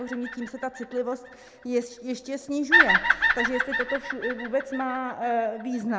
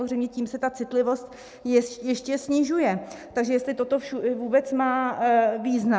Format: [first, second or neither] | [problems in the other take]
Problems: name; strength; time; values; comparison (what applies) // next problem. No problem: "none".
second | background sound (Bird vocalization, bird call, bird song); 2 dB above the speech